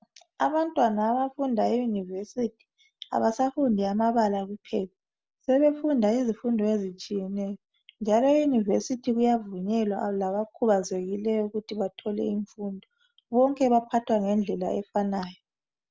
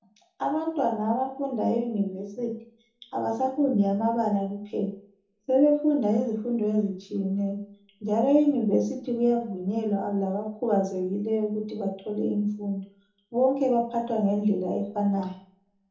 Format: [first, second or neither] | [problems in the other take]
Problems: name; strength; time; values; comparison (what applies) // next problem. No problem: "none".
first | room echo; dies away in 1 s